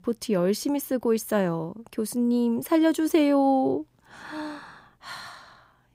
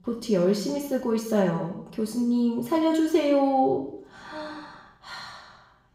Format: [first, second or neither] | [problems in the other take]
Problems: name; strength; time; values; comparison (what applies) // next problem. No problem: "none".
first | room echo; noticeable; dies away in 0.7 s // off-mic speech; far